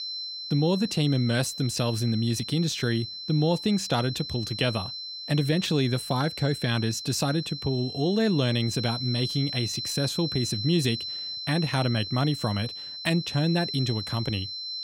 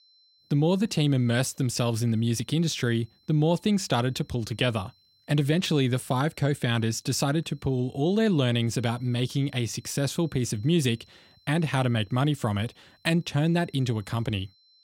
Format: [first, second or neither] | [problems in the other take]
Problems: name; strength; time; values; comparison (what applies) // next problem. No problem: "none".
second | high-pitched whine; loud; throughout; 4 kHz, 6 dB below the speech; faint in the second